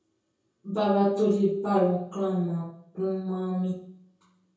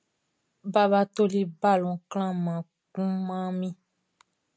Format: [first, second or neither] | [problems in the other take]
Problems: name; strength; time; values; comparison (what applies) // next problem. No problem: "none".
second | room echo; dies away in 0.6 s